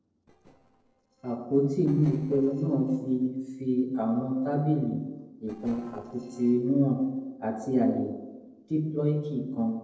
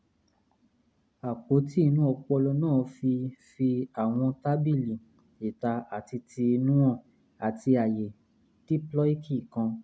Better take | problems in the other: second | noise reduction (neural separator model SepFormer DNS4)

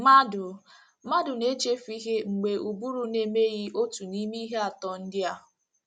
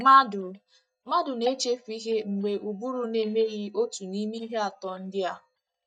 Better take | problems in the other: first | noise reduction (neural mask model DeepFilterNet 3)

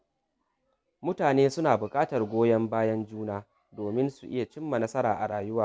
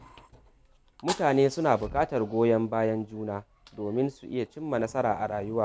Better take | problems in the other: first | background sound (Fire); 17 dB below the speech

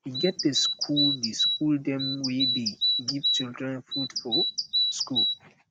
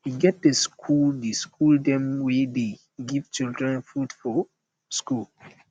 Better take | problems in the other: second | background sound (Bird vocalization, bird call, bird song); 3 dB above the speech

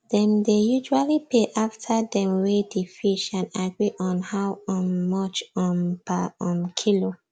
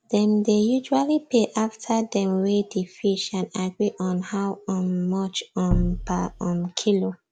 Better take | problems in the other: first | background sound (Bass drum); 4 dB below the speech

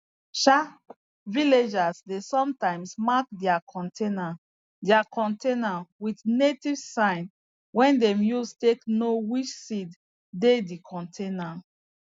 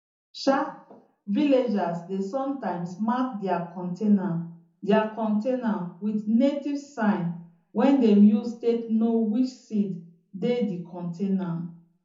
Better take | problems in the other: first | room echo; dies away in 0.5 s

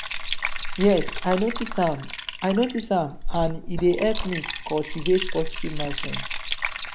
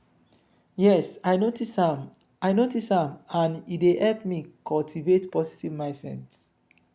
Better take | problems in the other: second | background sound (Liquid + Liquid); 2 dB below the speech

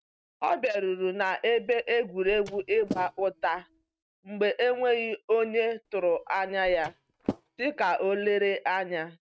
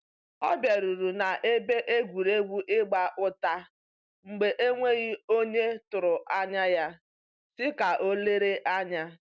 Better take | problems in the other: second | noise reduction (neural mask model RNNoise)

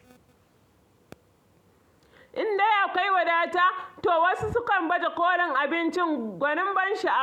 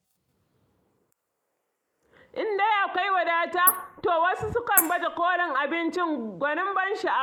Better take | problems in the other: first | noise reduction (neural mask model Resemble Enhance denoiser)

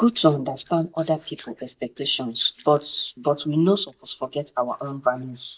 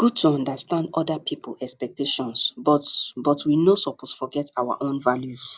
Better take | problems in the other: second | noise reduction (neural mask model DeepFilterNet 3)

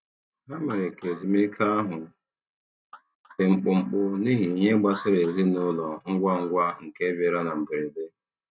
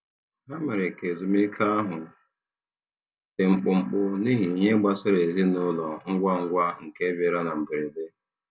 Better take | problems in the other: second | noise reduction (neural mask model RNNoise)

